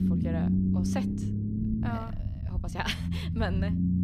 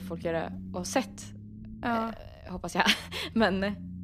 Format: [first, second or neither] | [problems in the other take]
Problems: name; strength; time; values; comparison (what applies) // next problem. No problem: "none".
second | low rumble; loud; throughout; 1 dB below the speech; faint in the second